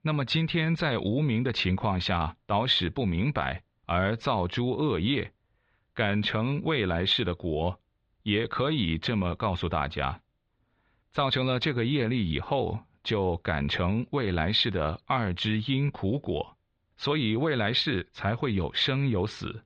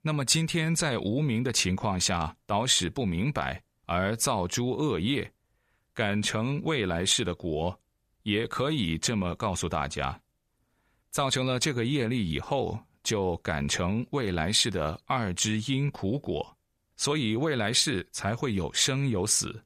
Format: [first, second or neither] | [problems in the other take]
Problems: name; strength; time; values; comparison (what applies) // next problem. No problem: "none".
second | muffled; slightly; fading above 4 kHz